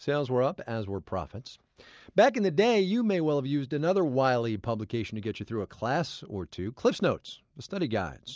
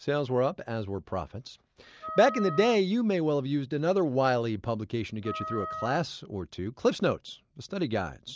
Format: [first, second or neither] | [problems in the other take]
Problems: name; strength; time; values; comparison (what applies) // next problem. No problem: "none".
first | background sound (Wind instrument, woodwind instrument); 11 dB below the speech